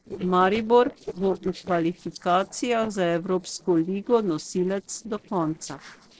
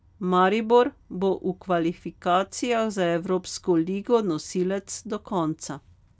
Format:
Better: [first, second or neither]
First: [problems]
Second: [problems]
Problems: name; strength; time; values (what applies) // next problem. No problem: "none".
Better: second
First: noise reduction (neural separator model SepFormer DNS4)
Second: none